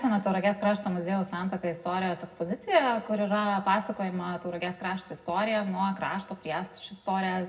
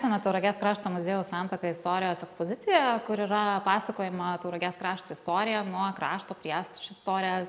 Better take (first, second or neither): second